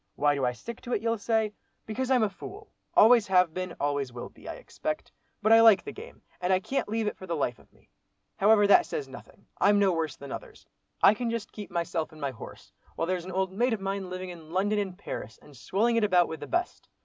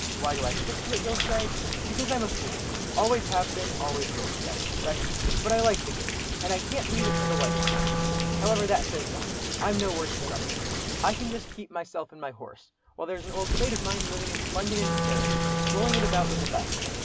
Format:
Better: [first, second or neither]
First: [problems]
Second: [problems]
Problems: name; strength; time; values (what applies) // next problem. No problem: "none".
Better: first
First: none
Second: background sound (Rain + Wind instrument, woodwind instrument); 3 dB above the speech